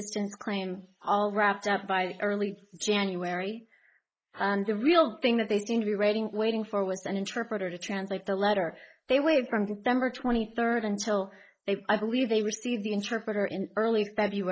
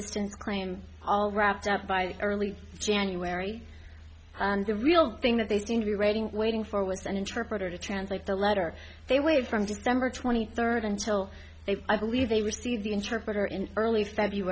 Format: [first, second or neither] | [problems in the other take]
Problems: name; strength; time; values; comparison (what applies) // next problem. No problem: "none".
second | noise reduction (neural mask model Resemble Enhance denoiser)